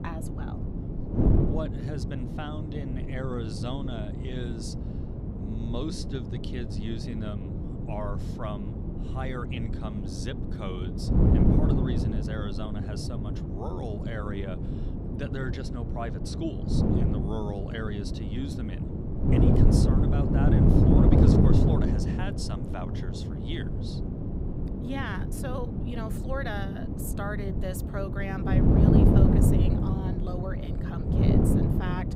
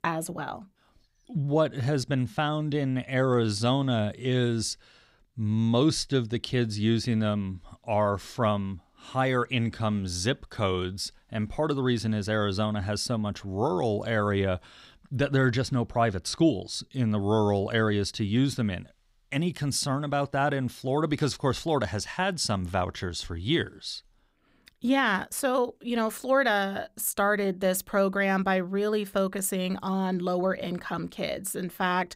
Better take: second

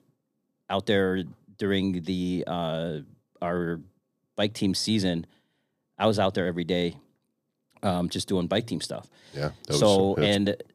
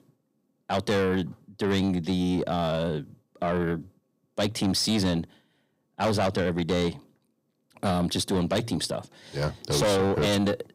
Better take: first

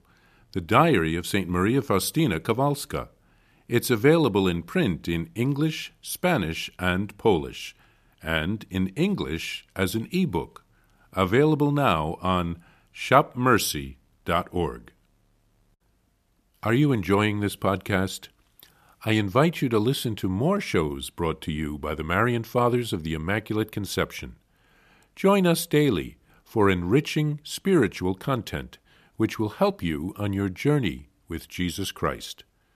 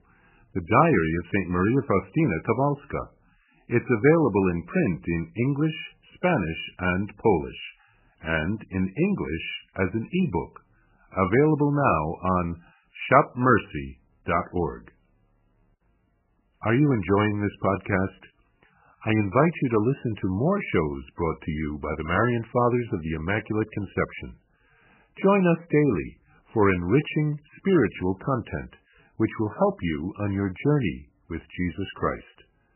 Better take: first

